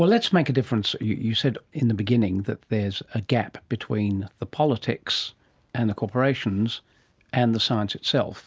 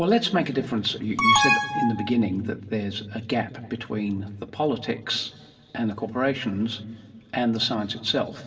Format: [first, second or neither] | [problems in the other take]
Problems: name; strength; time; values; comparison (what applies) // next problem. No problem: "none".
first | background sound (Alarm); 4 dB above the speech // room echo; dies away in 2 s